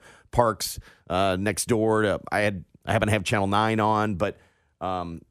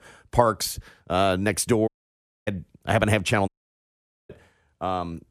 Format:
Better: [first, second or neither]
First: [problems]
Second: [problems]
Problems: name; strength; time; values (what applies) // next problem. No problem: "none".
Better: first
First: none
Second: audio cutting out; at 2 s for 0.5 s and at 3.5 s for 1 s